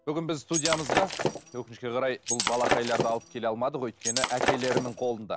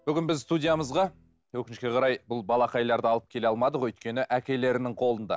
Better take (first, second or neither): second